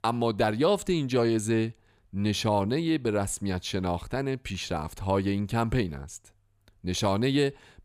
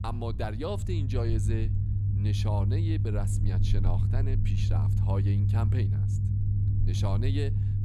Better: first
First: none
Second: low rumble; loud; throughout; 3 dB below the speech

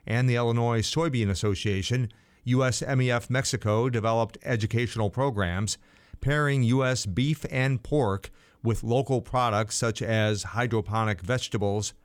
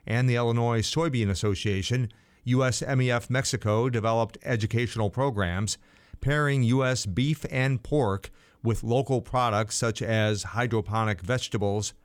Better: neither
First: none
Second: none

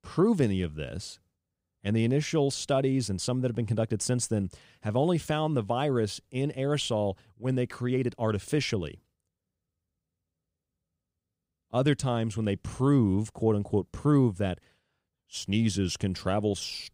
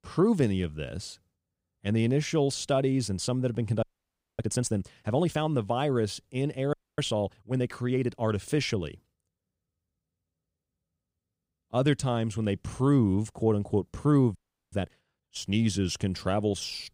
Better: first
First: none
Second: audio freezing; at 4 s for 0.5 s, at 6.5 s and at 14 s

